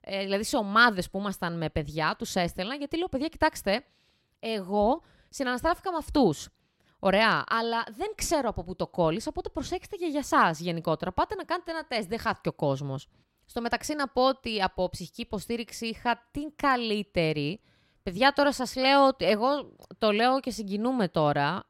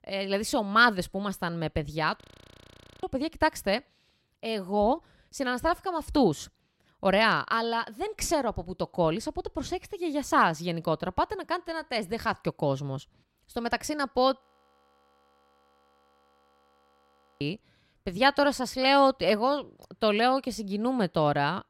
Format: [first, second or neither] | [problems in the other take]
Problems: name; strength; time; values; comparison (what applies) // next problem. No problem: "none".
first | audio freezing; at 2 s for 1 s and at 14 s for 3 s